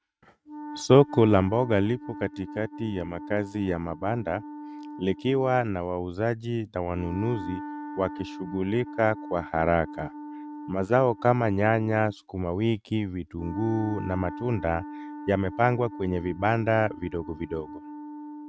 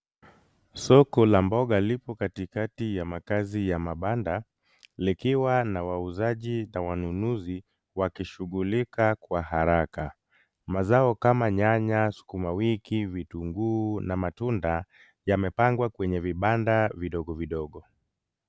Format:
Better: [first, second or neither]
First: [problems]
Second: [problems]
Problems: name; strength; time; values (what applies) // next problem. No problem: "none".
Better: second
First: noise reduction (neural mask model RNNoise)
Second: none